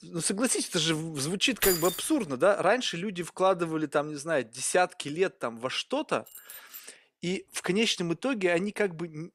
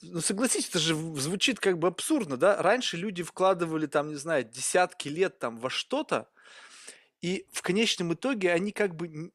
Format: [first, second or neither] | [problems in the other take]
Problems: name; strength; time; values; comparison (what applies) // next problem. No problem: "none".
second | jangling keys; loud; at 1.5 s; peak 1 dB above the speech // jangling keys; faint; at 6.5 s; peak 15 dB below the speech